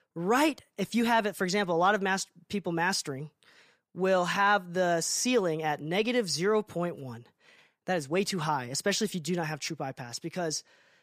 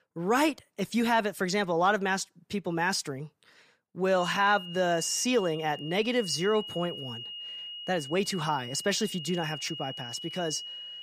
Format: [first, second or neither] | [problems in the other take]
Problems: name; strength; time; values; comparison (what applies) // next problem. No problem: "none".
first | high-pitched whine; noticeable; from 4 s on; 3 kHz, 10 dB below the speech